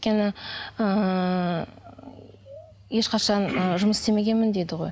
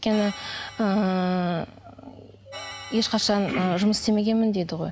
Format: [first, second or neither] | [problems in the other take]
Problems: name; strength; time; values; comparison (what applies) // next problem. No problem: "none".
first | background sound (Organ); 19 dB below the speech